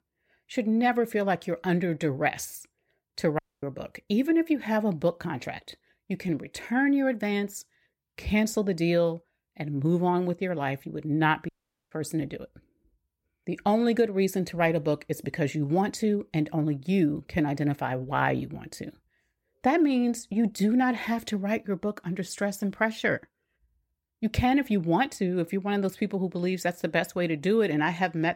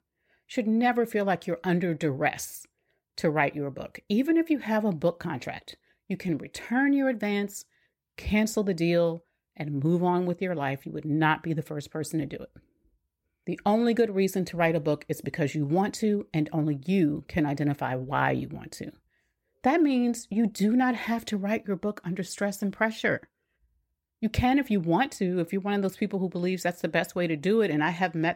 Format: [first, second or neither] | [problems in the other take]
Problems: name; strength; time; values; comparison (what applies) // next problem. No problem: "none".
second | audio cutting out; at 3.5 s and at 11 s